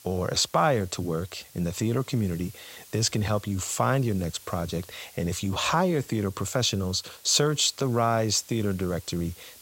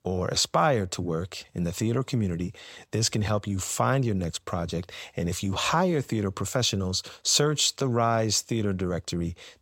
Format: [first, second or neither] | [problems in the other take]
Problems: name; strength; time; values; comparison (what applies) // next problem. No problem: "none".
second | hiss; faint; throughout; 20 dB below the speech